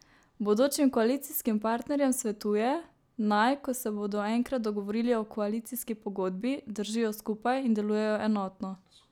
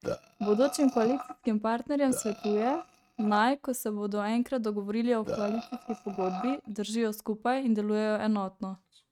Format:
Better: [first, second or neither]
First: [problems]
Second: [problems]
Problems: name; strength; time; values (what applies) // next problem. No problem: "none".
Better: first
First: none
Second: noise reduction (neural mask model RNNoise)